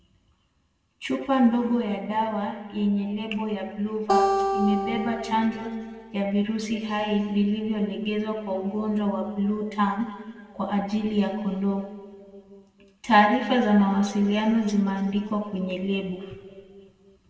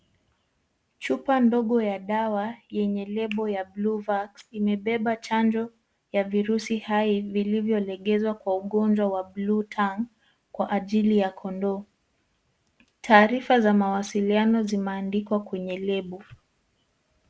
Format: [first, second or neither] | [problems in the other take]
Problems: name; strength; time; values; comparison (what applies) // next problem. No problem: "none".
second | background sound (Acoustic guitar); 2 dB below the speech // room echo; dies away in 1.9 s